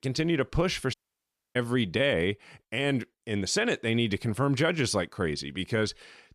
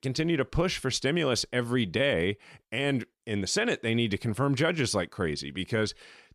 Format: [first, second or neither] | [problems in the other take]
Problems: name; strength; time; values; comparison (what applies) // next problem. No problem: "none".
second | audio cutting out; at 1 s for 0.5 s